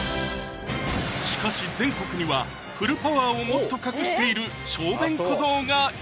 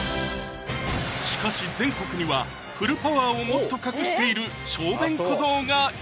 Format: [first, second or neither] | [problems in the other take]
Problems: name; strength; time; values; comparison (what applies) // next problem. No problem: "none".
second | background sound (Thunder); 18 dB below the speech